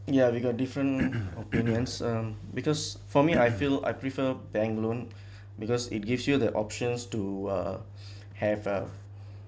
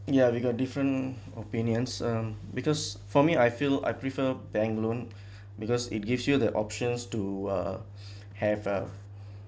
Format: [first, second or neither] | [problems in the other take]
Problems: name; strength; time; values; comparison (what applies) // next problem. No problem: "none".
second | background sound (Cough); 2 dB below the speech